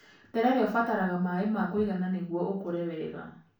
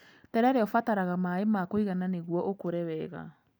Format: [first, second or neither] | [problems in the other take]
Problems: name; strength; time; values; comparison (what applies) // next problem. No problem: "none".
second | room echo; dies away in 0.3 s